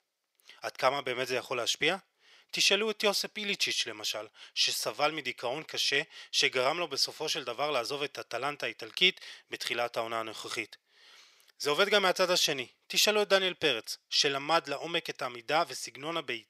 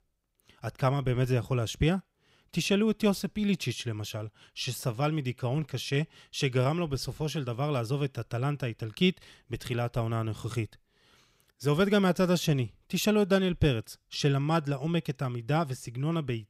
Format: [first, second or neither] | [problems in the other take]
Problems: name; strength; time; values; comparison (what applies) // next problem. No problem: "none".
second | thin; very; fading below 600 Hz